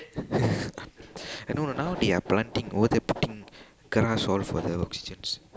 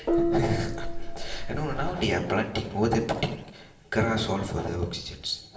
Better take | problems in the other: first | background sound (Gong); 1 dB above the speech // room echo; dies away in 0.7 s

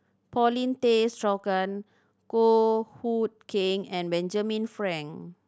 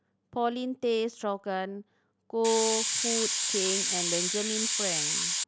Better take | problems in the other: first | background sound (Hiss); 3 dB above the speech

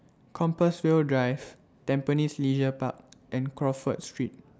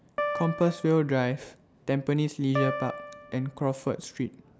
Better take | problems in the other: first | background sound (Piano); 8 dB below the speech

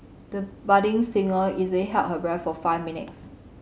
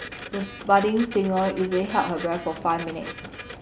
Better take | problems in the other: first | background sound (Printer); 13 dB below the speech

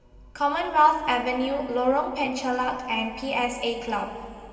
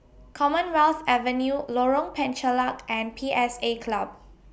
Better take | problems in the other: second | room echo; dies away in 2.7 s

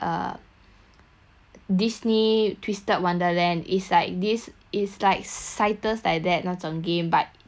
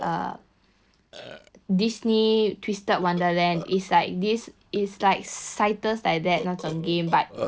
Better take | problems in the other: first | noise reduction (neural separator model SepFormer DNS4)

